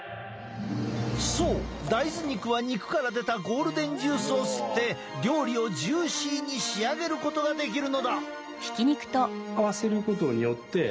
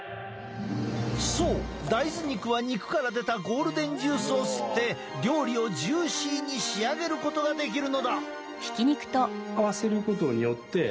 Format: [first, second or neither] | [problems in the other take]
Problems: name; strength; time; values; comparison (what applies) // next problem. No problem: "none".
first | background sound (Wind instrument, woodwind instrument); 19 dB below the speech